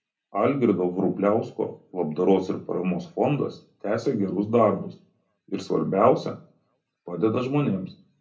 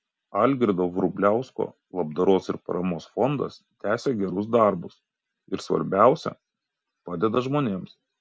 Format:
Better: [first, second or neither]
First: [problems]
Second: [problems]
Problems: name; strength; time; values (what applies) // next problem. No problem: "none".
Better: second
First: room echo; dies away in 0.3 s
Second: none